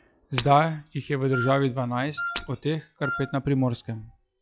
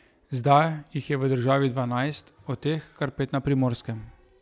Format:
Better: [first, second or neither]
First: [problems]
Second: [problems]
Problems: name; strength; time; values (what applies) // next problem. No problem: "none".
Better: second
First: noise reduction (classical method log-MMSE)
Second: none